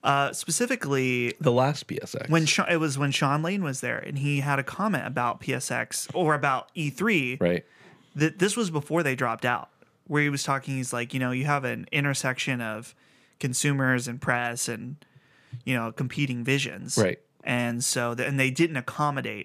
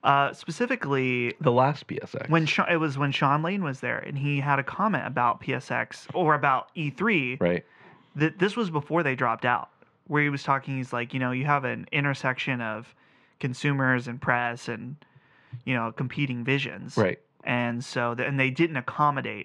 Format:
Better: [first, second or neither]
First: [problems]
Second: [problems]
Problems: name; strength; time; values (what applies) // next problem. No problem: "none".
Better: first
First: none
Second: muffled; slightly; fading above 2.5 kHz